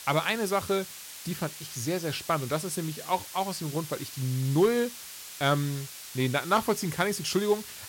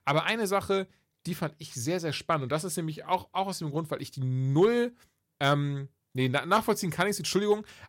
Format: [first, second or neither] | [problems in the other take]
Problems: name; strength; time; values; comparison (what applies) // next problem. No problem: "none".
second | hiss; noticeable; throughout; 10 dB below the speech